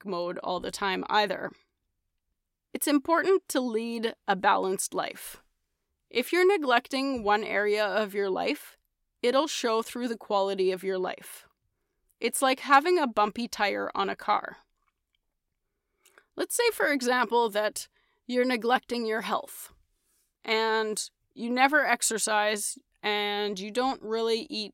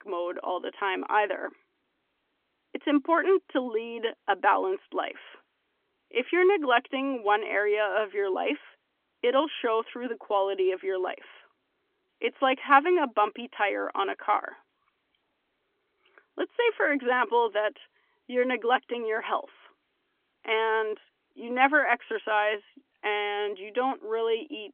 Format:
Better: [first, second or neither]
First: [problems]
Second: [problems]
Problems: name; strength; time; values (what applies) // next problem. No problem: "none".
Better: first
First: none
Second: phone-call audio; nothing above 3.5 kHz